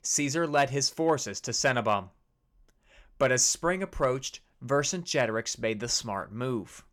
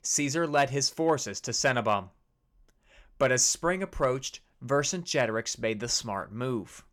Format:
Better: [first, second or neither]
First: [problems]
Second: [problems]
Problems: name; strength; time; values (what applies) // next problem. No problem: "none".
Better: neither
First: none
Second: none